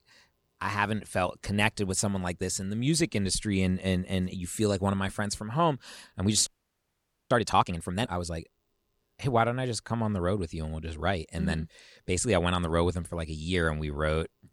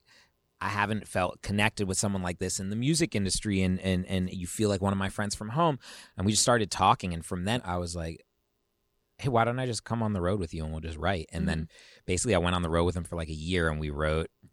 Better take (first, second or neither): second